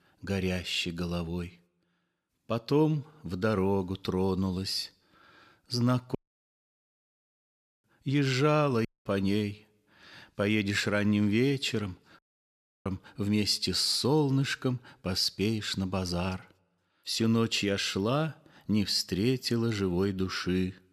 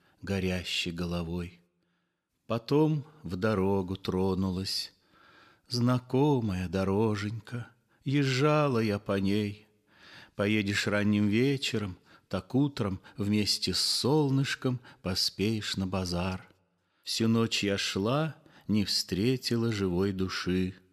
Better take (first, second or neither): second